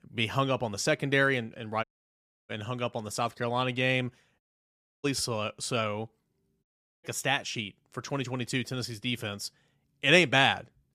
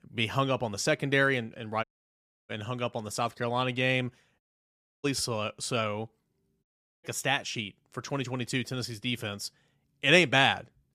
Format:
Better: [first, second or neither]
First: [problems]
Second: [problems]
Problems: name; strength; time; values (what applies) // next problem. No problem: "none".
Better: neither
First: audio cutting out; at 2 s for 0.5 s, at 4.5 s for 0.5 s and at 6.5 s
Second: audio cutting out; at 2 s for 0.5 s, at 4.5 s for 0.5 s and at 6.5 s